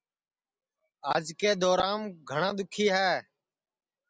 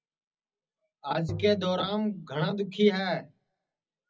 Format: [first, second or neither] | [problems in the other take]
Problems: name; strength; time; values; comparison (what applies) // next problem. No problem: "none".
first | background sound (Tap); 10 dB below the speech // room echo; dies away in 0.4 s